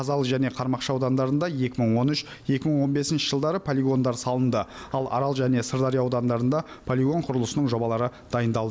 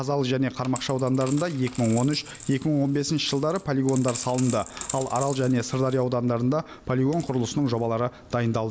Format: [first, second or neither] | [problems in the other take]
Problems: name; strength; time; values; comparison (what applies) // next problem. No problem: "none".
first | background sound (Coin (dropping)); 17 dB below the speech